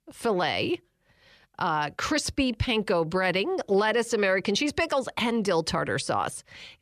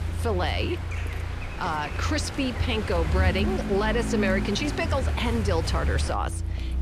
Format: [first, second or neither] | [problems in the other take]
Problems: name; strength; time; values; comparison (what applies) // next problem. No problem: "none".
first | traffic noise; loud; throughout; 1 dB below the speech